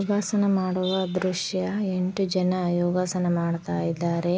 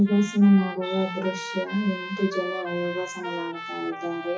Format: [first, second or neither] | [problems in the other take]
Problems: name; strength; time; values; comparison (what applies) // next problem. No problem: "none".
first | noise reduction (classical method WPE with log-MMSE)